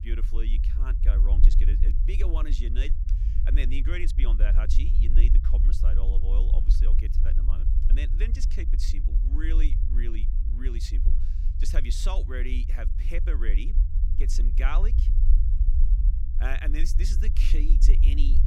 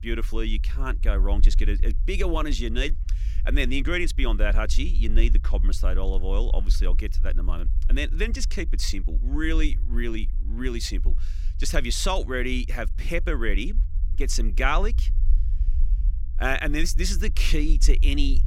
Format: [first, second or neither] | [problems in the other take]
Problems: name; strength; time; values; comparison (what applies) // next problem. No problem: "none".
second | low rumble; loud; throughout; 8 dB below the speech; faint in the second